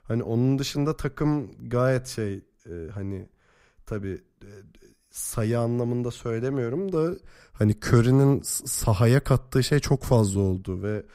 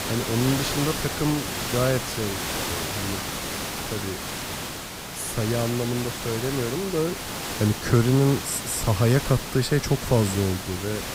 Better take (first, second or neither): first